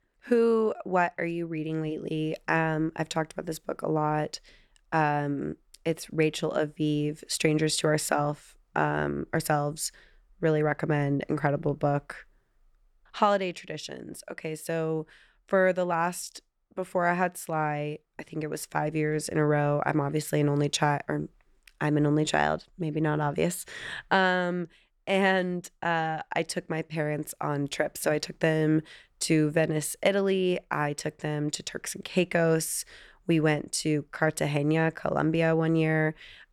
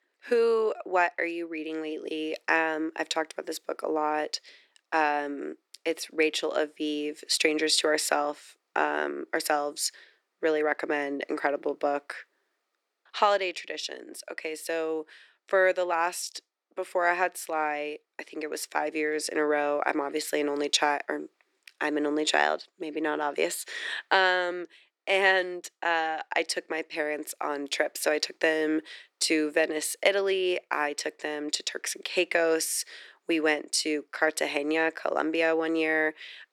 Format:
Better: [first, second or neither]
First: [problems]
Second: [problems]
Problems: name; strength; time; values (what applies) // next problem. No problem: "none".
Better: first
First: none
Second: thin; somewhat; fading below 300 Hz